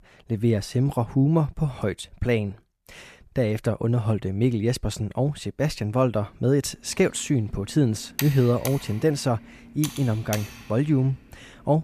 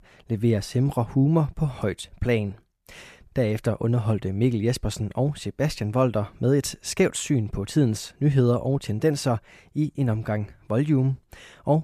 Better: second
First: keyboard typing; noticeable; from 7 to 10 s; peak 7 dB below the speech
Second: none

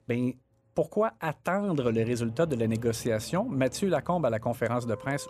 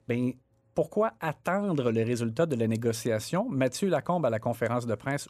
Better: second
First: background music; very faint; from 1.5 s on; 20 dB below the speech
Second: none

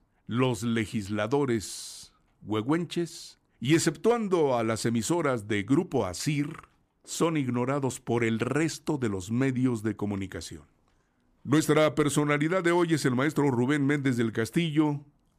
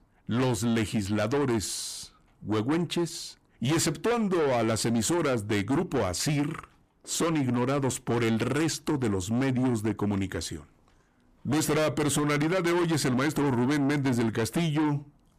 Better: first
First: none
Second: distortion; heavy; 7 dB below the speech

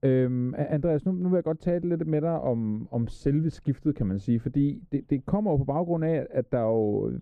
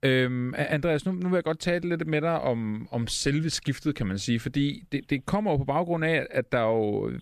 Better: second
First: muffled; very; fading above 1.5 kHz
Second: none

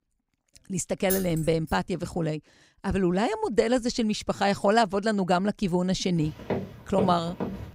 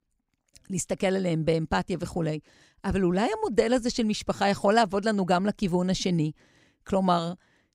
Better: second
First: jangling keys; noticeable; at 1 s; peak 5 dB below the speech // footsteps; noticeable; from 6 s on; peak 5 dB below the speech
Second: none

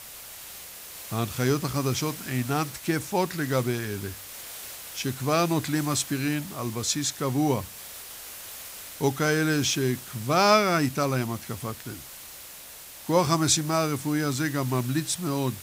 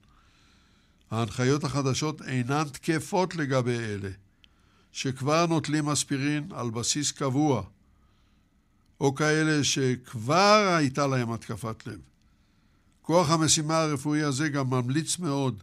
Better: second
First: hiss; noticeable; throughout; 15 dB below the speech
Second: none

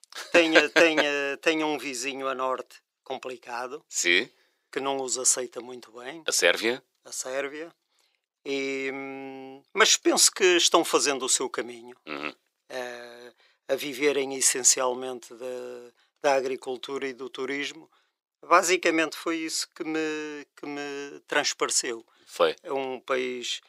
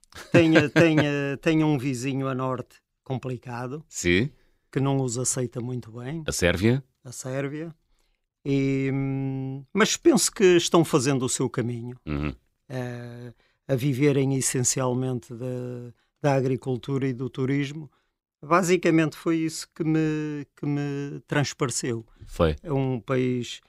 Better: second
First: thin; very; fading below 450 Hz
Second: none

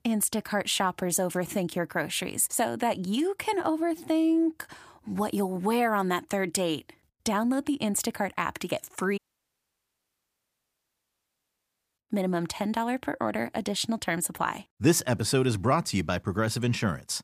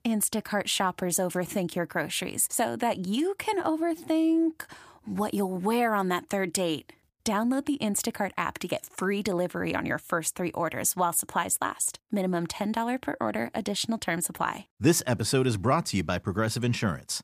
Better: second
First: audio cutting out; at 9 s for 3 s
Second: none

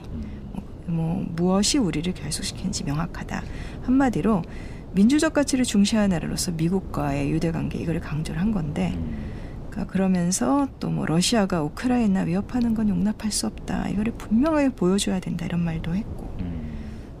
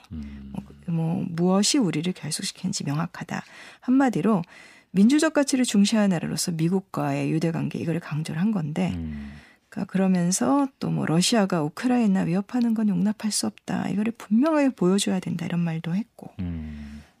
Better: second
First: wind noise on the microphone; occasional gusts; 20 dB below the speech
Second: none

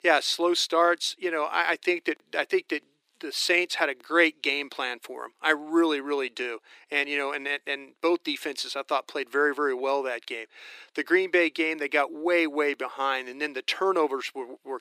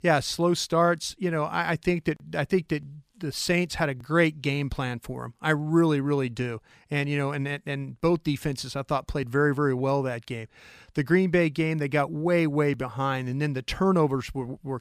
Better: second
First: thin; very; fading below 350 Hz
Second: none

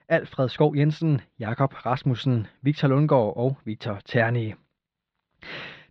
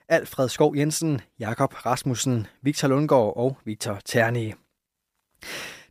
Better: second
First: muffled; slightly; fading above 4 kHz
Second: none

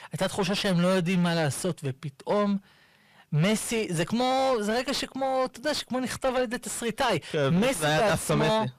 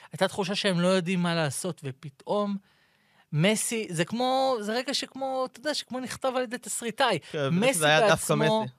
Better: second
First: distortion; heavy; 6 dB below the speech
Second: none

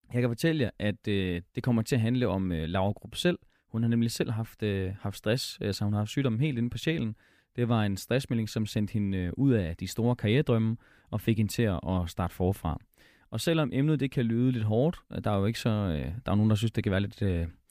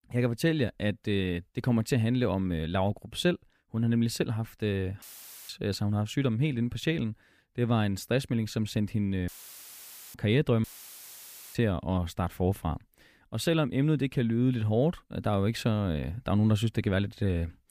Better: first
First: none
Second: audio cutting out; filled with static; at 5 s, at 9.5 s for 1 s and at 11 s for 1 s

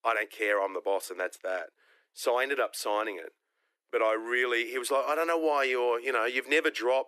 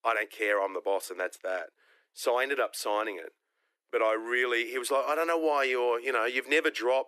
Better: neither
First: thin; very; fading below 300 Hz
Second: thin; very; fading below 300 Hz

